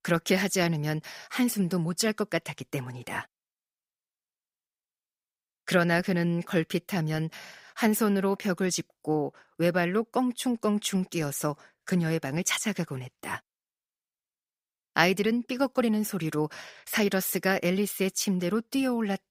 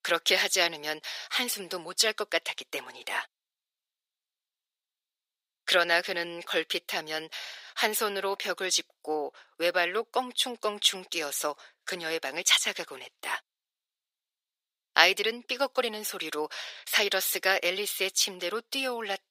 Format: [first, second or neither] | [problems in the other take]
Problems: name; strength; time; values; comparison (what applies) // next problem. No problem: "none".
first | thin; very; fading below 450 Hz